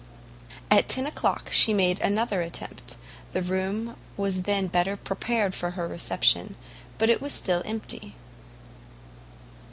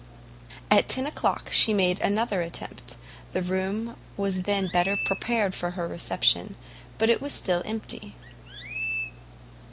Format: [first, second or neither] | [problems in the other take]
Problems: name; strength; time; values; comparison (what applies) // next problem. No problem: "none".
first | background sound (Chirp, tweet); 7 dB below the speech